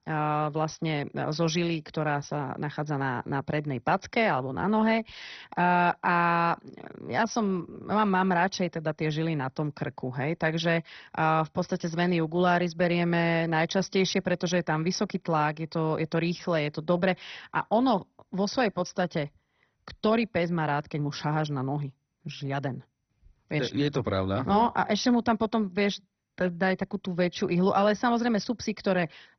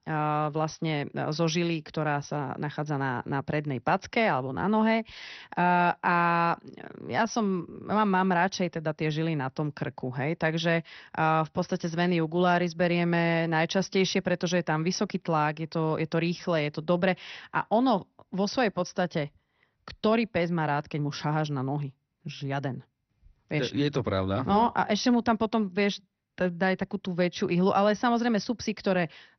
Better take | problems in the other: second | garbled, watery; badly; nothing above 6 kHz; slightly in the second

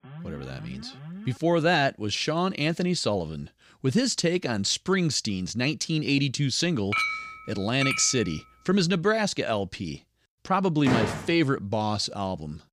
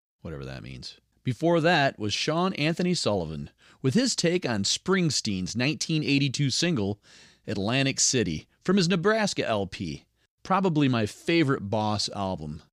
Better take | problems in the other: second | alarm; faint; until 1.5 s; peak 15 dB below the speech // clattering dishes; noticeable; from 7 to 8 s; peak level with the speech // door banging; noticeable; at 11 s; peak 2 dB below the speech

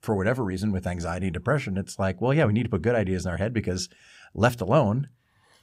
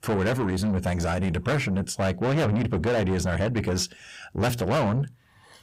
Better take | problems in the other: first | distortion; heavy; 6 dB below the speech

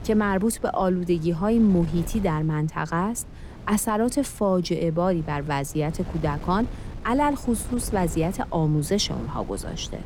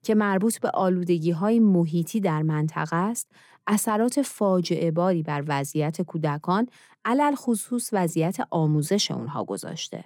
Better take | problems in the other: second | wind noise on the microphone; occasional gusts; 20 dB below the speech

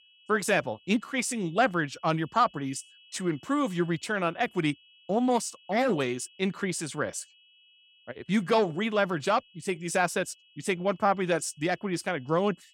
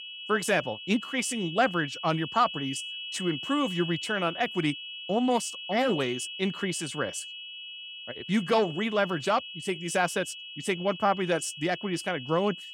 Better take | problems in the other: first | high-pitched whine; loud; throughout; 3 kHz, 9 dB below the speech; faint in the first

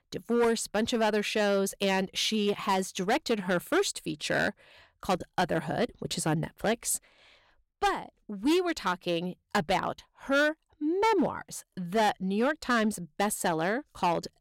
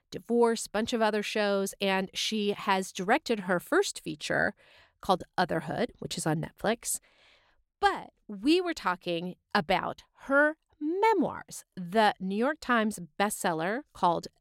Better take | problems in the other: second | distortion; slight; 7% of the sound clipped

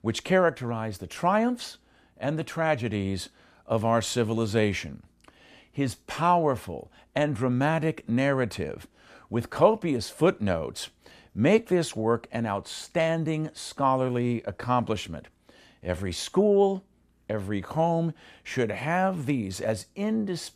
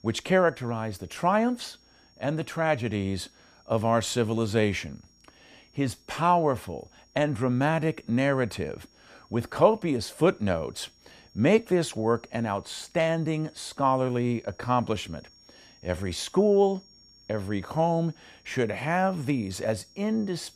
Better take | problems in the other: first | high-pitched whine; faint; throughout; 5.5 kHz, 30 dB below the speech

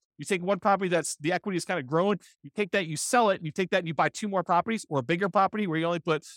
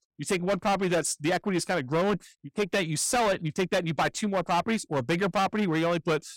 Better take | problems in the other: first | distortion; heavy; 14% of the sound clipped

